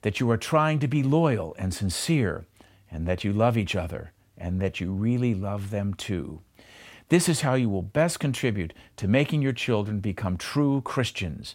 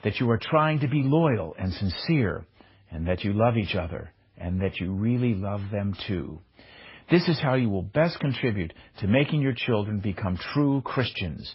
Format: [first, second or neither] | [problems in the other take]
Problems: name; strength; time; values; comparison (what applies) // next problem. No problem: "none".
first | garbled, watery; badly; nothing above 5.5 kHz